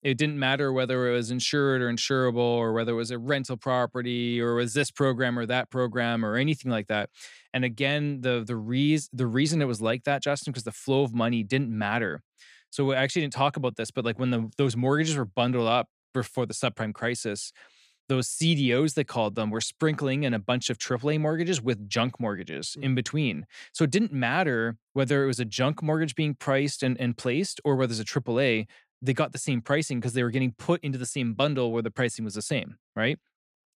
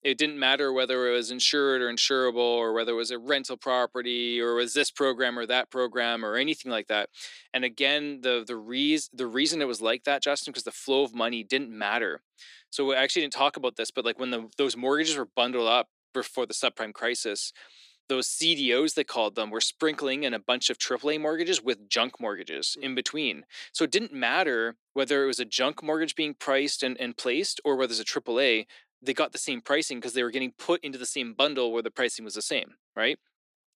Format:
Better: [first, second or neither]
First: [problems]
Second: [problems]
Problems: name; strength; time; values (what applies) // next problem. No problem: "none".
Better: first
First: none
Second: thin; somewhat; fading below 300 Hz